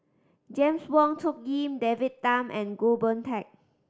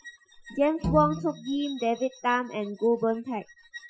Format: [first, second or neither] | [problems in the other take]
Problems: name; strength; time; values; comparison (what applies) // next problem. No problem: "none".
first | noise reduction (classical method Wiener filter)